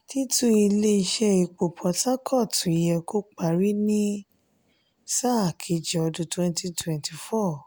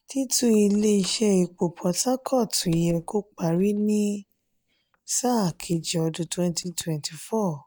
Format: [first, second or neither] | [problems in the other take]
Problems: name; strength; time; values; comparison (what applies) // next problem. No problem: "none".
first | noise reduction (neural mask model DeepFilterNet 3)